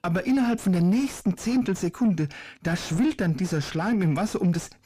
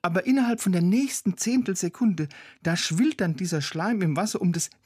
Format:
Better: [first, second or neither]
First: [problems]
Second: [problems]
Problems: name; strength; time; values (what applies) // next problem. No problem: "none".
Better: second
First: distortion; slight; 9 dB below the speech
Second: none